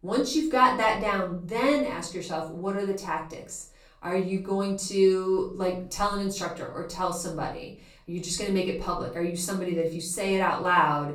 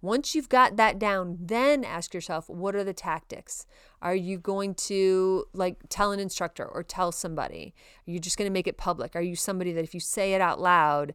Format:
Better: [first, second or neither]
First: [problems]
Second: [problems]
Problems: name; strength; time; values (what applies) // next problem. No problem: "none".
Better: second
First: off-mic speech; far // room echo; slight; dies away in 0.4 s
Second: none